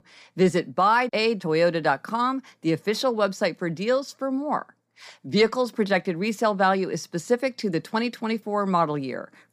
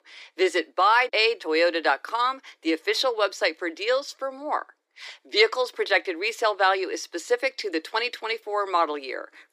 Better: first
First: none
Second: thin; very; fading below 300 Hz

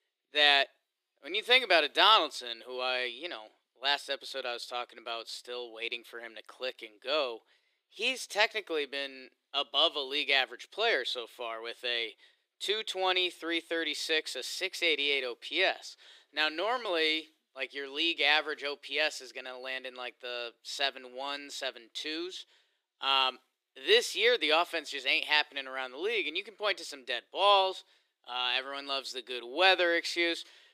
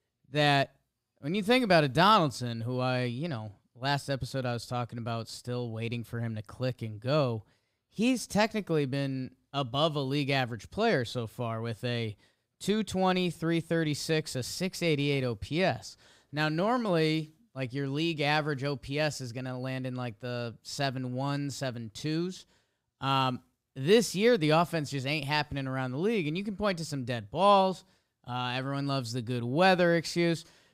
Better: second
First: thin; very; fading below 350 Hz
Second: none

